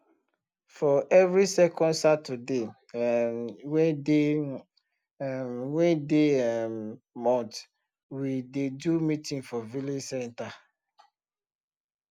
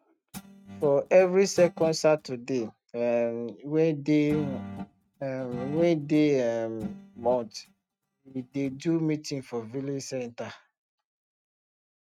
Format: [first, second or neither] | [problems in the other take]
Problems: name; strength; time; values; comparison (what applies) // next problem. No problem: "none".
first | noise reduction (neural mask model RNNoise)